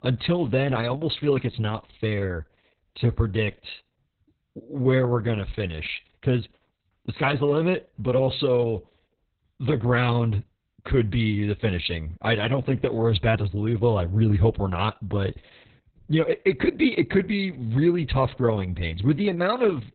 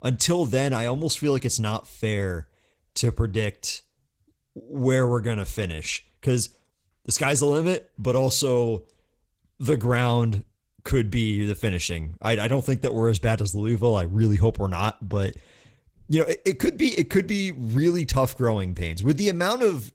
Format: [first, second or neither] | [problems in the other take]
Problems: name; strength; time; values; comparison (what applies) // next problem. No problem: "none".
second | garbled, watery; badly; nothing above 4 kHz; slightly in the second